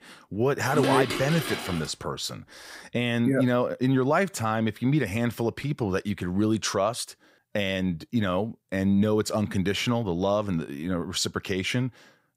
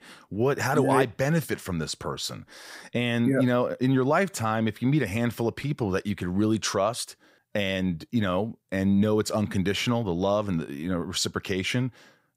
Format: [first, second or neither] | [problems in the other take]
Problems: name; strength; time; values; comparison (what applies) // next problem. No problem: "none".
second | clattering dishes; noticeable; from 0.5 to 2 s; peak 4 dB below the speech